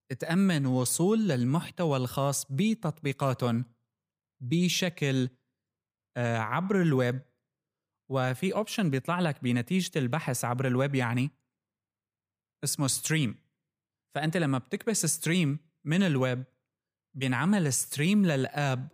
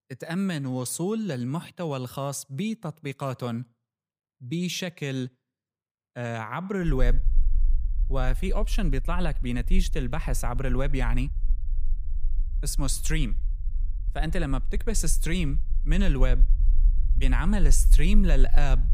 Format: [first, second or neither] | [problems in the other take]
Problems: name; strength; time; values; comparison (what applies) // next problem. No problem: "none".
first | low rumble; faint; from 7 s on; 20 dB below the speech